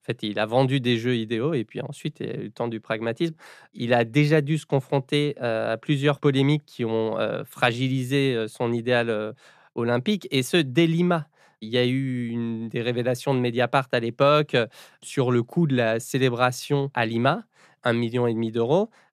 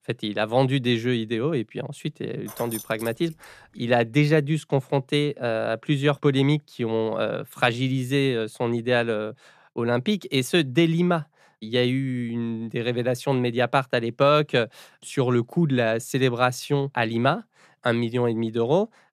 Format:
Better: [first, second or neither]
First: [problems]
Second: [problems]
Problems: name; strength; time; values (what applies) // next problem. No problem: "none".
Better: first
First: none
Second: jangling keys; faint; at 2.5 s; peak 10 dB below the speech